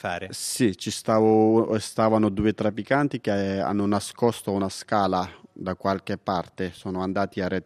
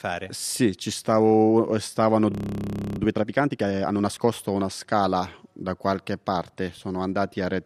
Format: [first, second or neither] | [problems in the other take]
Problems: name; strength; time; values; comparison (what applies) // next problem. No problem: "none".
first | audio freezing; at 2.5 s for 0.5 s